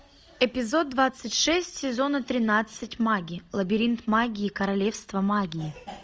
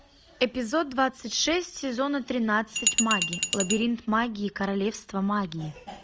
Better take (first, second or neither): first